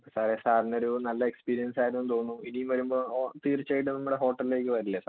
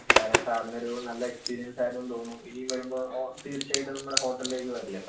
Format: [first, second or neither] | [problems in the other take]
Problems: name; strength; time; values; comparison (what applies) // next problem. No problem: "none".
first | background sound (Zipper (clothing)); 1 dB above the speech // room echo; dies away in 0.3 s